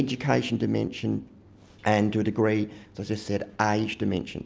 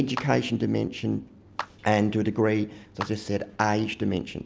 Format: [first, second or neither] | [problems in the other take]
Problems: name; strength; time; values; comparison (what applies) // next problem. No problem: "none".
first | background sound (Clapping); 16 dB below the speech